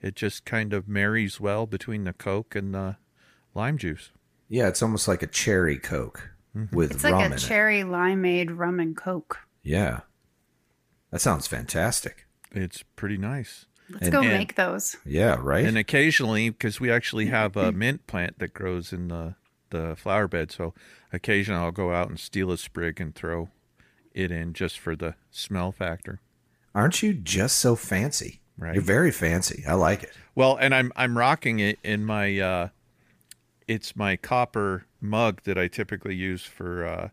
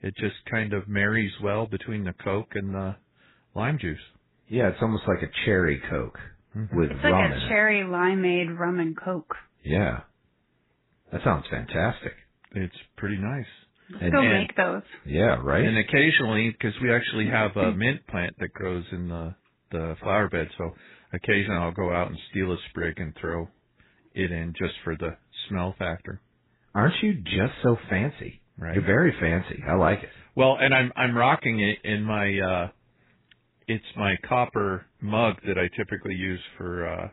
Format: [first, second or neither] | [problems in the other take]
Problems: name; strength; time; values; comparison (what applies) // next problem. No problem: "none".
first | garbled, watery; badly; nothing above 4 kHz